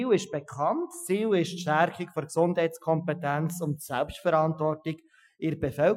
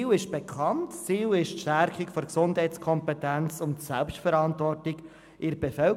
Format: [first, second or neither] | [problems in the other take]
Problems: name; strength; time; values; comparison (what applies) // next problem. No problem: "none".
second | noise reduction (classical method Wiener filter)